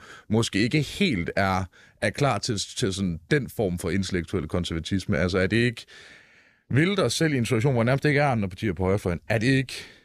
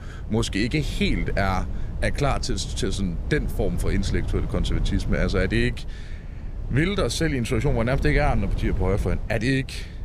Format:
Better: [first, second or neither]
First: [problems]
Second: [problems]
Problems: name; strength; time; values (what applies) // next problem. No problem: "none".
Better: first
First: none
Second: wind noise on the microphone; occasional gusts; 15 dB below the speech